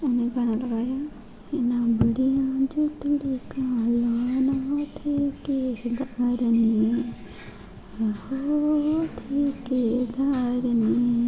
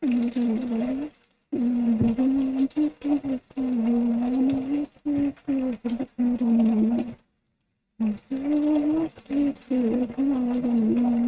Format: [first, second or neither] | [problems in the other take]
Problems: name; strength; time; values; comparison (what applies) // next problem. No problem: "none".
first | noise reduction (neural mask model RNNoise)